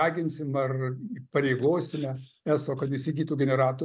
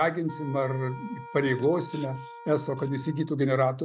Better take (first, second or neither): first